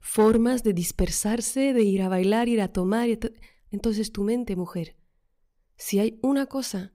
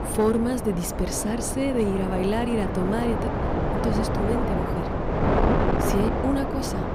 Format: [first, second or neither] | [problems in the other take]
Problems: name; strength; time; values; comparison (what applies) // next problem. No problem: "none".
first | wind noise on the microphone; heavy; 1 dB above the speech